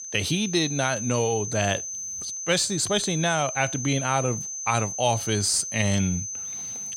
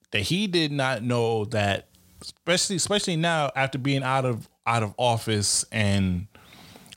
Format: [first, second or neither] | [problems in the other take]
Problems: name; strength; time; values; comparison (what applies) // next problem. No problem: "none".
second | high-pitched whine; loud; throughout; 6 kHz, 5 dB below the speech